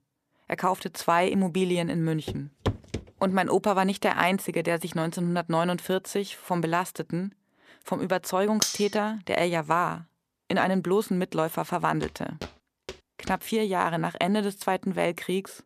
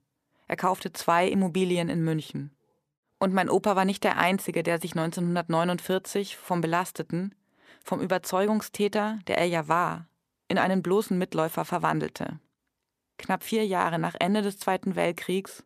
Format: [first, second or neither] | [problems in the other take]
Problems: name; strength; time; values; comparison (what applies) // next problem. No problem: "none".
second | footsteps; noticeable; at 2.5 s; peak 5 dB below the speech // clattering dishes; noticeable; at 8.5 s; peak level with the speech // footsteps; faint; from 12 to 13 s; peak 15 dB below the speech